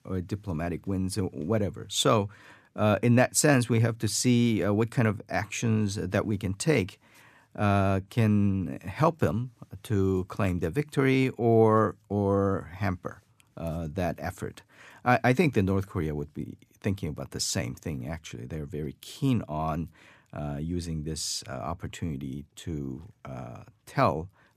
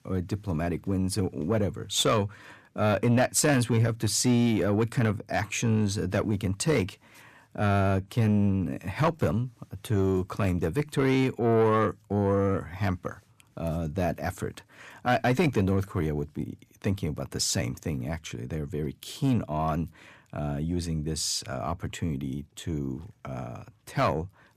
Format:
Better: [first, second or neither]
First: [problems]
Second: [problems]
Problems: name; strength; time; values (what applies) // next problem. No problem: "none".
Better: first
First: none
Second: distortion; slight; 10 dB below the speech